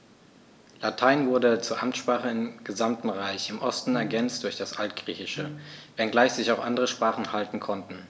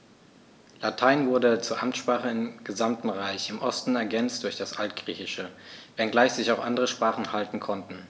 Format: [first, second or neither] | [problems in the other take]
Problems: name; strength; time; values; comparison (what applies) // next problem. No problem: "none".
second | background sound (Piano); 14 dB below the speech